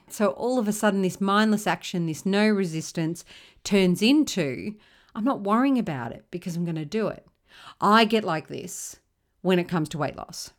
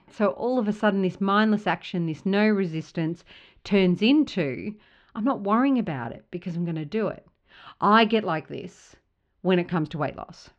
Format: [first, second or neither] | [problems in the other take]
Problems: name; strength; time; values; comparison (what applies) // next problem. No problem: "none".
first | muffled; slightly; fading above 3.5 kHz